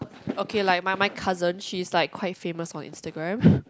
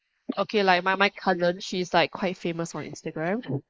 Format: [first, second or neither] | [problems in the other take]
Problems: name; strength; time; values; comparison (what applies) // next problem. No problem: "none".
first | noise reduction (neural mask model Resemble Enhance denoiser)